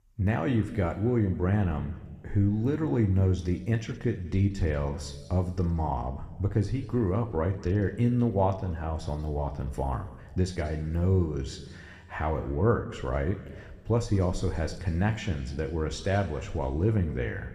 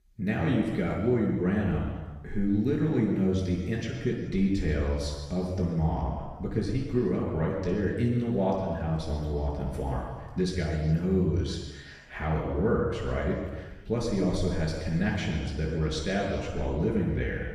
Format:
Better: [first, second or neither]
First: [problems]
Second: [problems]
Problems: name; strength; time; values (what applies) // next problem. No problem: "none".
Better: first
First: room echo; slight; dies away in 1.5 s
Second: room echo; strong; dies away in 1.3 s // off-mic speech; far